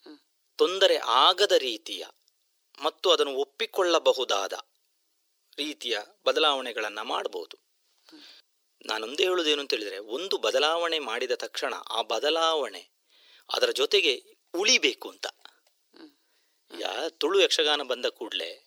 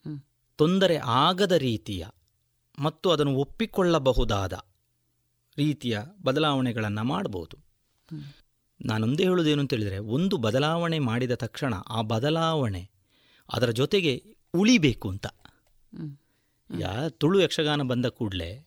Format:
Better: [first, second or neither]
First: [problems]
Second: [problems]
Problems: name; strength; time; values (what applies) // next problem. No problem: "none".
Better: second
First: thin; very; fading below 350 Hz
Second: none